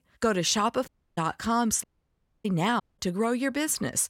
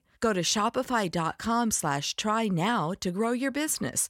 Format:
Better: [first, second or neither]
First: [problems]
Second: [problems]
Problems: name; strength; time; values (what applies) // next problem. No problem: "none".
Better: second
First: audio cutting out; at 1 s, at 2 s for 0.5 s and at 3 s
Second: none